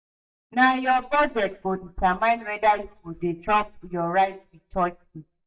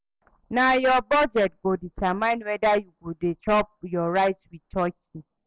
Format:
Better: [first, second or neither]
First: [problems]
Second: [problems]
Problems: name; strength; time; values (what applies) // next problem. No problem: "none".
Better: second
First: noise reduction (neural mask model DeepFilterNet 3)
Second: none